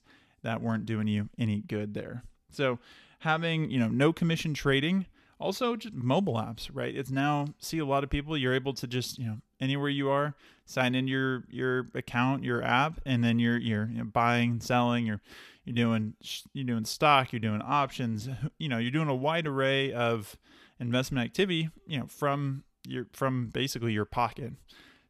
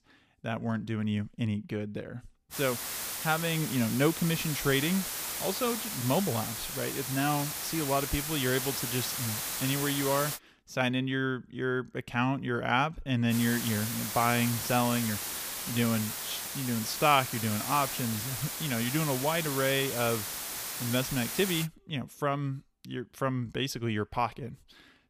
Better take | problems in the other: first | hiss; loud; from 2.5 to 10 s and from 13 to 22 s; 3 dB below the speech

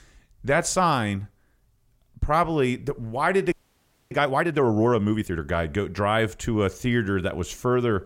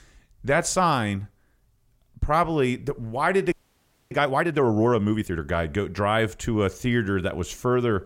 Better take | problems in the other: neither | audio freezing; at 3.5 s for 0.5 s; the same in both

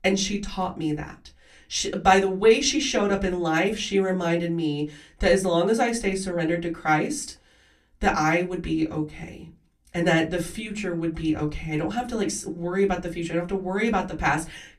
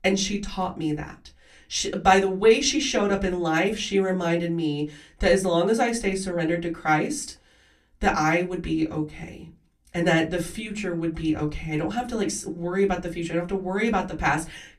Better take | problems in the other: neither | off-mic speech; far; the same in both // room echo; very slight; dies away in 0.2 s; the same in both

